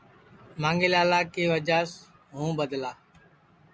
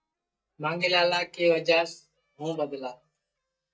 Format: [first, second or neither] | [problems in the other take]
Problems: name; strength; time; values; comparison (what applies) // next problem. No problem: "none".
first | noise reduction (neural mask model DeepFilterNet 3)